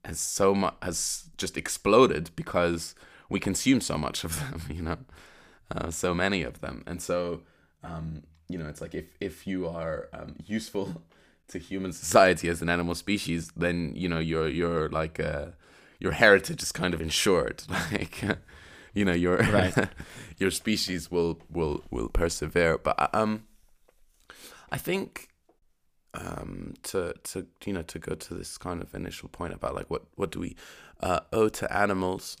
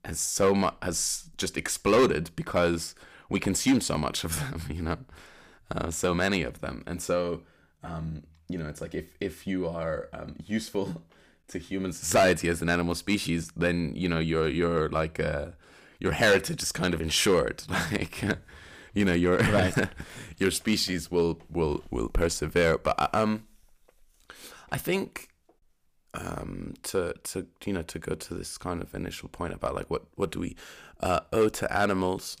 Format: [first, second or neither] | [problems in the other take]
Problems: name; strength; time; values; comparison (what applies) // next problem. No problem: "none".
first | distortion; slight; 1.6% of the sound clipped